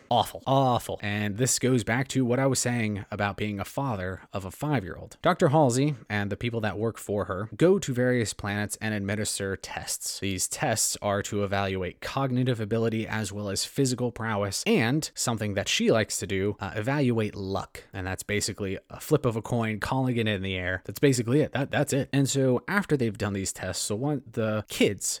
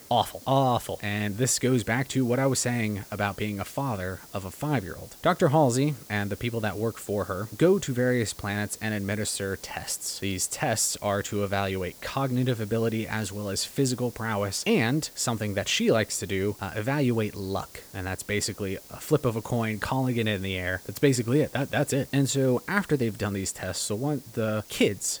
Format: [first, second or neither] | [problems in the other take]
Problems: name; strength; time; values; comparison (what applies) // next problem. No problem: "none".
first | hiss; noticeable; throughout; 20 dB below the speech